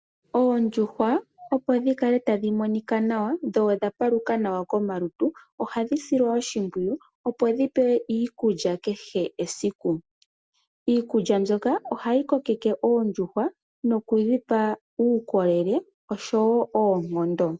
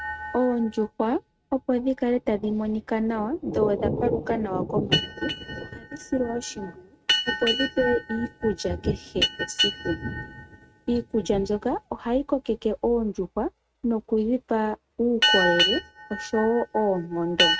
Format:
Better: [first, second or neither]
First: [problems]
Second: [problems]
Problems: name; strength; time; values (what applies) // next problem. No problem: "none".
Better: first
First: none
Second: noise reduction (neural mask model RNNoise)